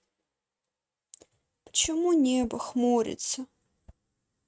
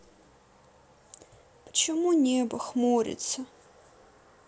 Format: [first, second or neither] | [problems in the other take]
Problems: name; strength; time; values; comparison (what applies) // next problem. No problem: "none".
second | noise reduction (neural mask model RNNoise)